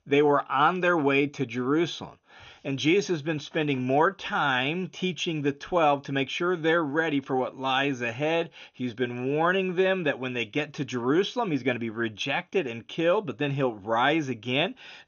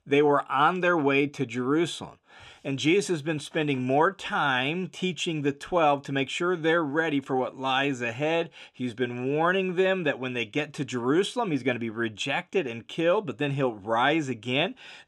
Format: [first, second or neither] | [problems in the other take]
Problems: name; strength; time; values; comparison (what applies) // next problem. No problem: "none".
second | garbled, watery; slightly; nothing above 6.5 kHz